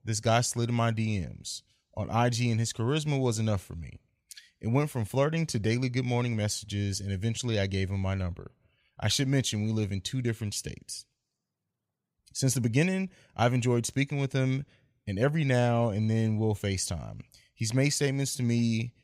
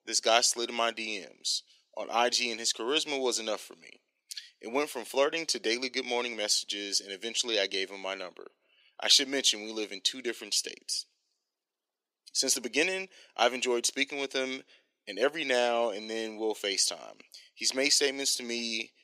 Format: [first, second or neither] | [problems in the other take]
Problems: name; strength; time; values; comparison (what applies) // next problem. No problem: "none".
first | thin; very; fading below 300 Hz